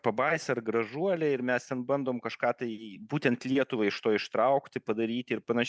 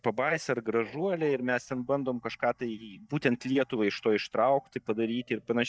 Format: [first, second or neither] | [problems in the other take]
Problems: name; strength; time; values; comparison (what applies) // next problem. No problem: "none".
first | noise reduction (neural mask model DeepFilterNet 3)